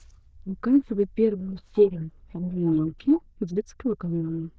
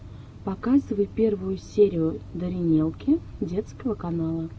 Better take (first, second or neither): second